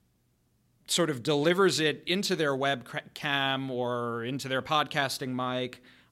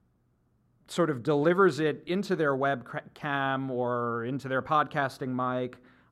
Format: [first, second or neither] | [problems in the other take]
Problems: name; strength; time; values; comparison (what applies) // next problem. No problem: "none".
first | muffled; slightly; fading above 1.5 kHz